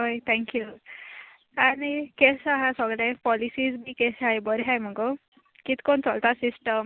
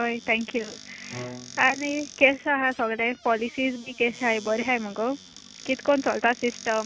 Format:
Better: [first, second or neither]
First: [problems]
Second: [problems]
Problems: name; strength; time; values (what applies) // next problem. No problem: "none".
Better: first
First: none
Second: background sound (Squeak / Cupboard open or close + Bowed string instrument); 17 dB below the speech